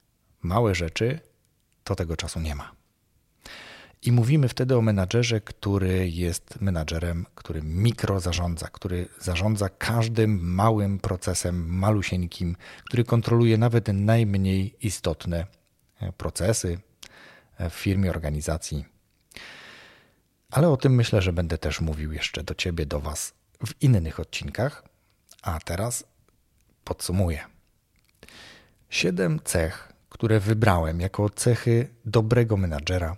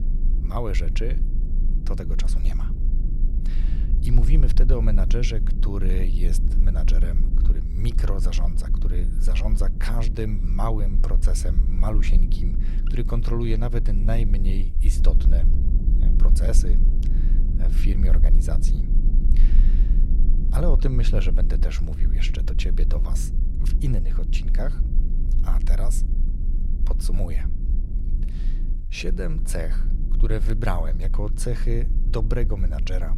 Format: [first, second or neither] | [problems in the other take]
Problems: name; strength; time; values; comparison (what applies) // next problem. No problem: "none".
first | low rumble; loud; throughout; 9 dB below the speech